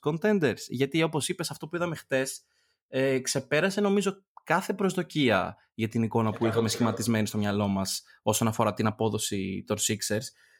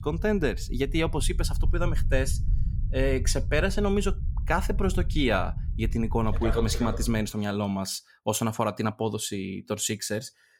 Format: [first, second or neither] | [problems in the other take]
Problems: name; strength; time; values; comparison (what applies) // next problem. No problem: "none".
first | low rumble; noticeable; until 7.5 s; 20 dB below the speech